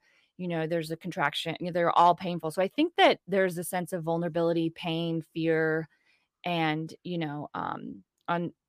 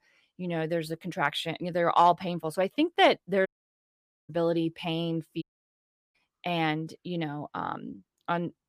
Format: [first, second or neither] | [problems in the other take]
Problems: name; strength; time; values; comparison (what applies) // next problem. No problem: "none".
first | audio cutting out; at 3.5 s for 1 s and at 5.5 s for 0.5 s